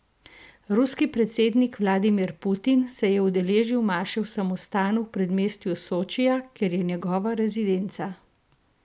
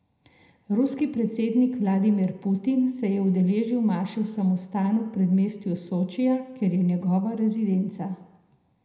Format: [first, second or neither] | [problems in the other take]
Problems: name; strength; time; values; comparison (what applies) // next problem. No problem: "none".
first | room echo; dies away in 0.7 s